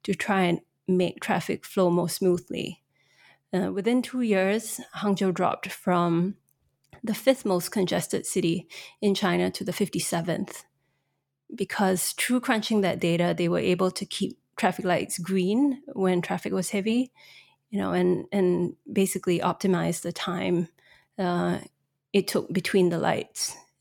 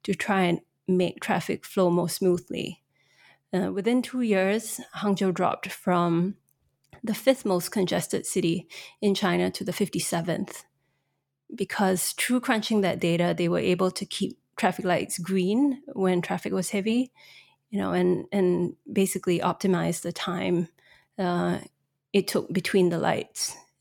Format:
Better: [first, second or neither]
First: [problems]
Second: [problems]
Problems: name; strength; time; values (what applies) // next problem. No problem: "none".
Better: neither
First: none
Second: none